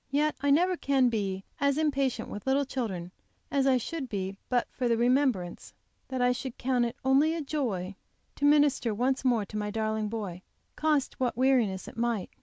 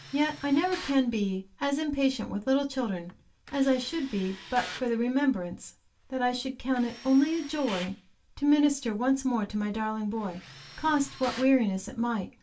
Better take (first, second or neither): first